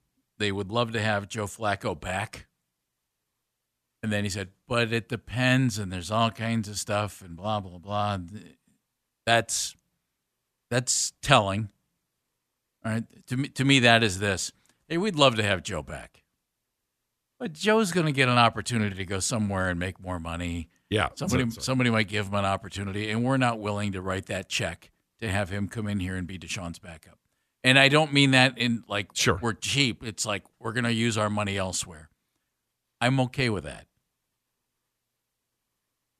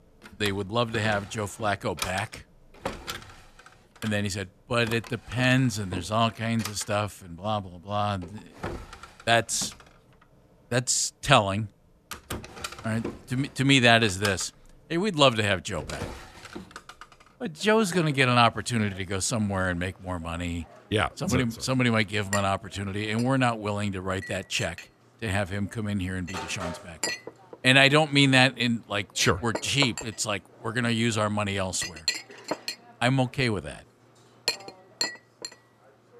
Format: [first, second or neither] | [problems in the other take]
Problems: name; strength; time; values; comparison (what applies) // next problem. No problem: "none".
first | household noises; noticeable; throughout; 10 dB below the speech